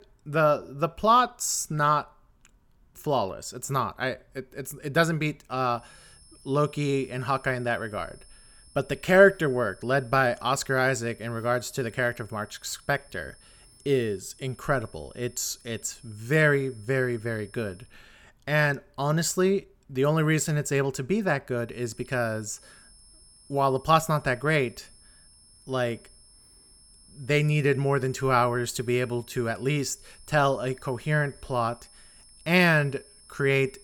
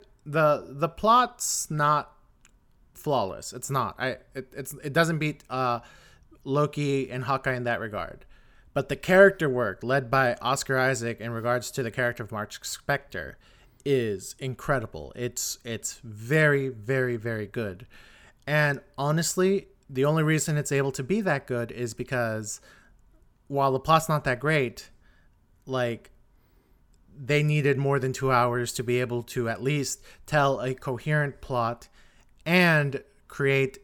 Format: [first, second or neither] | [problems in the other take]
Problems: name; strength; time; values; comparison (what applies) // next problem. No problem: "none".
second | high-pitched whine; faint; from 6 to 18 s and from 22 s on; 5.5 kHz, 25 dB below the speech